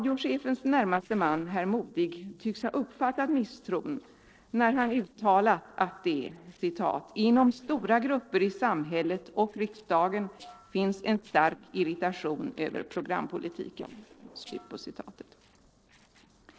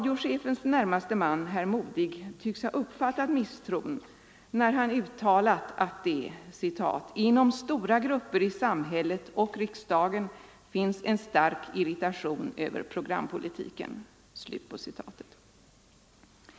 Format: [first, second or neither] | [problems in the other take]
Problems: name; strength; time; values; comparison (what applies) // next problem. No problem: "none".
second | noise reduction (neural separator model SepFormer DNS4)